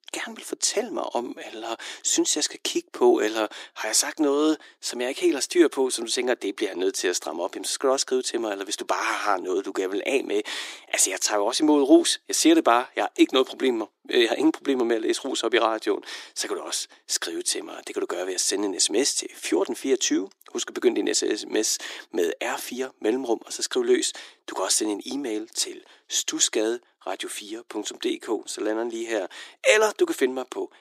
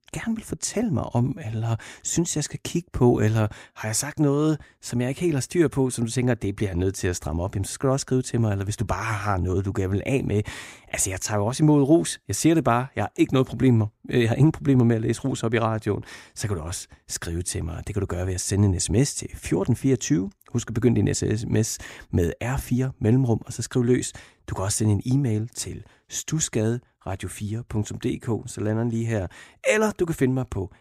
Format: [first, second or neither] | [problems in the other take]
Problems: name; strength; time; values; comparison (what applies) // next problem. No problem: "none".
second | thin; somewhat; fading below 300 Hz